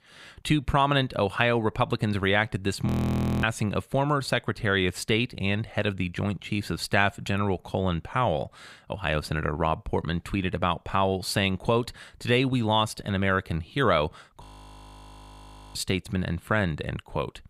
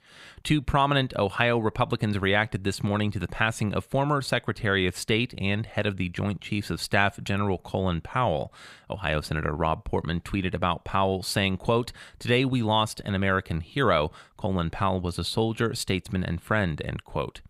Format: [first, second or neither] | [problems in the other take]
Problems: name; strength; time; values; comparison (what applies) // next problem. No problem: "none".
second | audio freezing; at 3 s for 0.5 s and at 14 s for 1.5 s